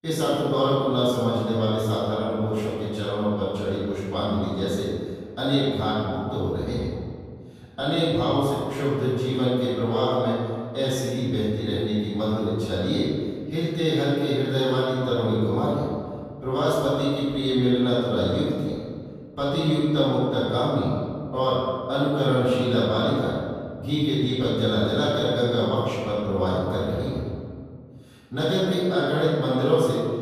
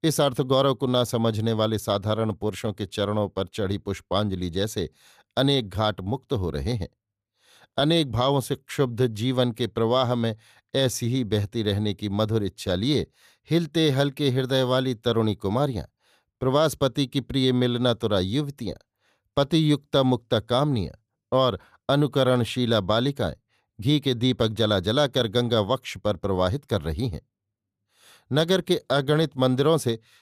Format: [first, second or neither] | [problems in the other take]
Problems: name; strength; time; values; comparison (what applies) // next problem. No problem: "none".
second | off-mic speech; far // room echo; strong; dies away in 1.8 s